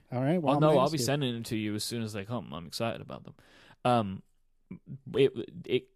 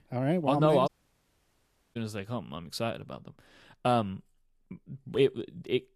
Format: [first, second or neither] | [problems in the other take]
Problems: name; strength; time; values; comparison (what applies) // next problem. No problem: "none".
first | audio cutting out; at 1 s for 1 s